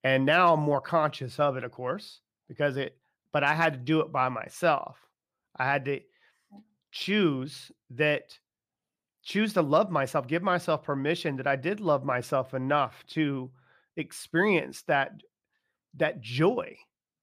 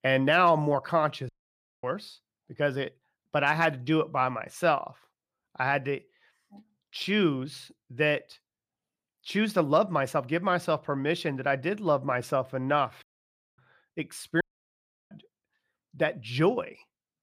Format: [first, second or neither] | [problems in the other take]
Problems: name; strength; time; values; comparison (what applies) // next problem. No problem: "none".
first | audio cutting out; at 1.5 s for 0.5 s, at 13 s for 0.5 s and at 14 s for 0.5 s